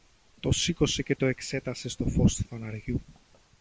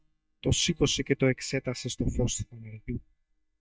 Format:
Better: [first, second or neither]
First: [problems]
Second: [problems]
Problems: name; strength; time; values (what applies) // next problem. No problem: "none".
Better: first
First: none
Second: noise reduction (neural mask model DeepFilterNet 3)